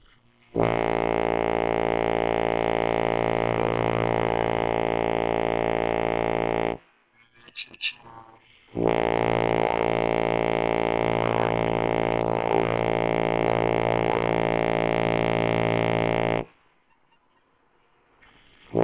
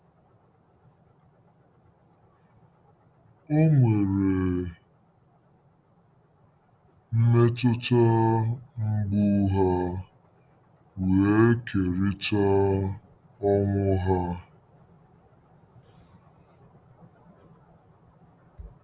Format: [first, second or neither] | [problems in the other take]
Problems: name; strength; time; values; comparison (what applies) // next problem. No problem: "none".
second | noise reduction (neural separator model SepFormer WHAMR!)